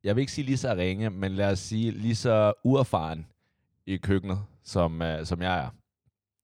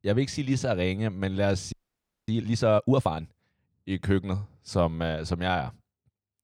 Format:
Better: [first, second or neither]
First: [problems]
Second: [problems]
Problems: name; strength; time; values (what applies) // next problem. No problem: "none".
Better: first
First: none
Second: audio freezing; at 1.5 s for 0.5 s